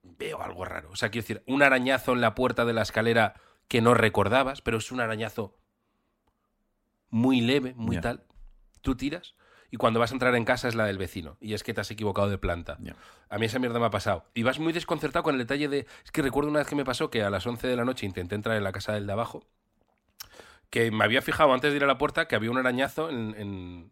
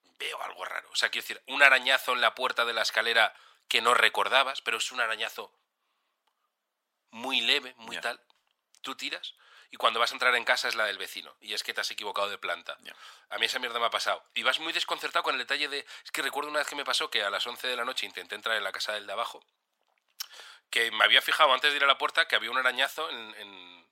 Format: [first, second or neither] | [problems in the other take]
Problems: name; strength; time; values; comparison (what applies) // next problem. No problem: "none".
first | thin; very; fading below 900 Hz